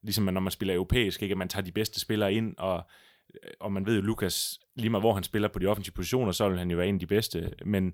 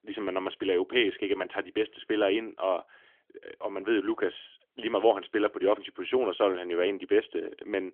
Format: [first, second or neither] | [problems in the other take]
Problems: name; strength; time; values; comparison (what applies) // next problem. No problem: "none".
first | phone-call audio; nothing above 3.5 kHz